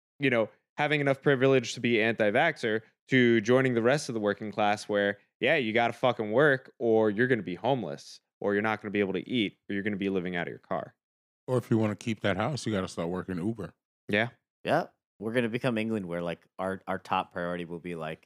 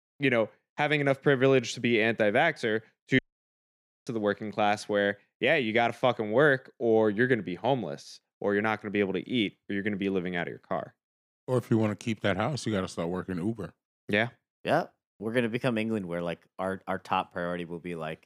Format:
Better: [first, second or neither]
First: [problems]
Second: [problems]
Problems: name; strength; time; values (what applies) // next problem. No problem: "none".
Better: first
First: none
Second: audio cutting out; at 3 s for 1 s